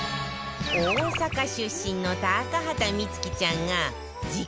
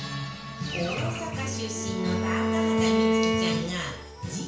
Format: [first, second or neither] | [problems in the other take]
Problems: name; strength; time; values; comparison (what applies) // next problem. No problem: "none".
first | background sound (Bowed string instrument); 4 dB above the speech // room echo; dies away in 0.5 s